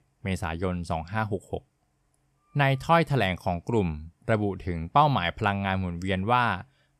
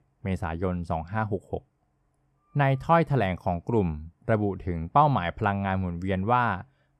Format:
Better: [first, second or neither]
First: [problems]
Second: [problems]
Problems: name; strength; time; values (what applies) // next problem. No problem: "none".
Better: first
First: none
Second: muffled; slightly; fading above 2 kHz